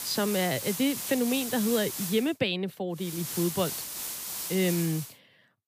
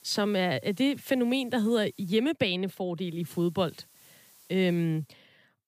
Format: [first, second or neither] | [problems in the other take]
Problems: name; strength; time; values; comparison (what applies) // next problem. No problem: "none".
second | hiss; loud; until 2 s and from 3 to 5 s; 5 dB below the speech; faint in the second